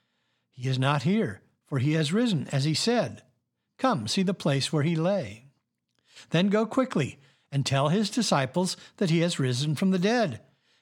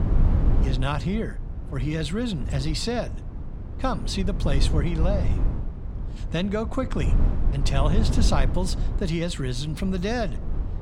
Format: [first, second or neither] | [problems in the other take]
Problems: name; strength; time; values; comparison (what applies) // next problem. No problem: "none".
first | low rumble; loud; throughout; 10 dB below the speech